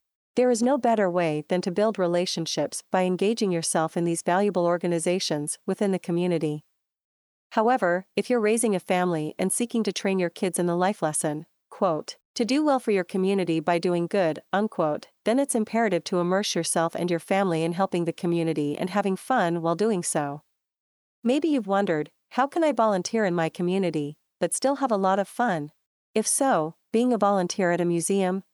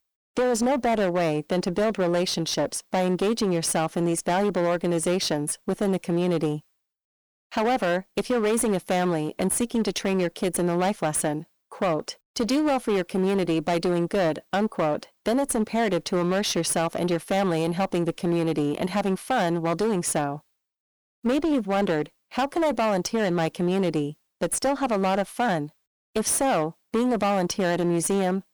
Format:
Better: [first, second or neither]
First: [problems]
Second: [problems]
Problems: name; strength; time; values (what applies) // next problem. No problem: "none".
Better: first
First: none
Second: distortion; slight; 19% of the sound clipped